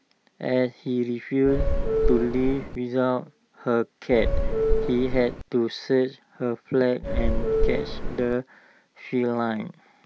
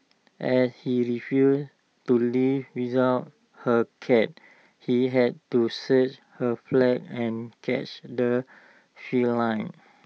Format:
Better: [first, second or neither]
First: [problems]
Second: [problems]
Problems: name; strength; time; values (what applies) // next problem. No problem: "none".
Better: second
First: background sound (Subway, metro, underground / Doorbell); 3 dB above the speech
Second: none